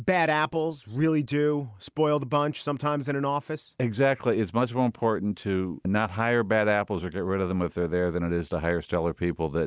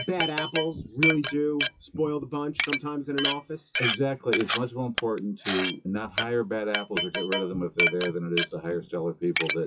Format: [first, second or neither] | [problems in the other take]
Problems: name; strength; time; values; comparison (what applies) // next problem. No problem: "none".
first | noise reduction (classical method WPE with log-MMSE)